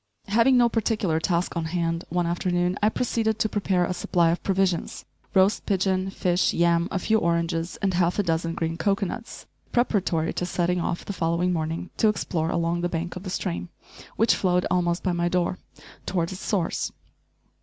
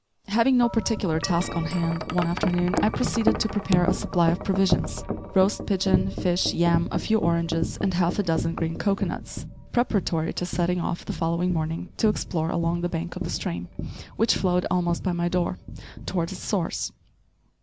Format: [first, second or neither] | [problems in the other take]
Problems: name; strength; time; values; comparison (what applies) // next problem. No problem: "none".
first | background sound (Wind chime); 7 dB below the speech